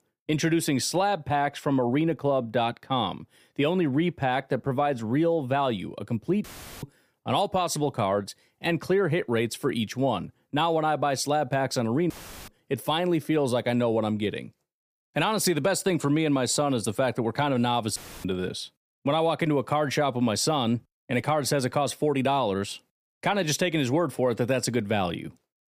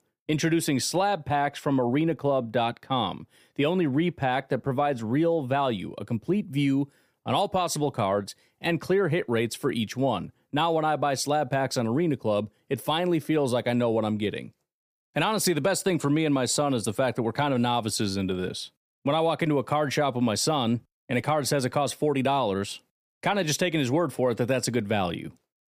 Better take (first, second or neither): second